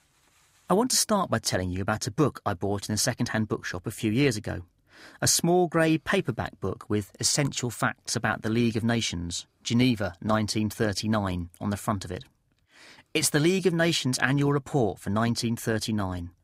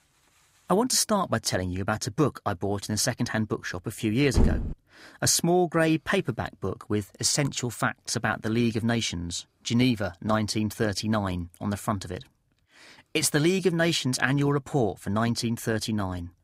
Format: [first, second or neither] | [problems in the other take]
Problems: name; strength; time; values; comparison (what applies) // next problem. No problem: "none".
first | door banging; loud; at 4.5 s; peak level with the speech